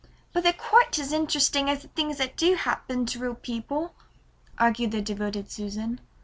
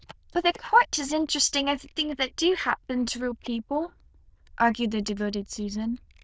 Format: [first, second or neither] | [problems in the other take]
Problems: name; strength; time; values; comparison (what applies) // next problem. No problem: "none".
first | noise reduction (neural diffusion model UNIVERSE++)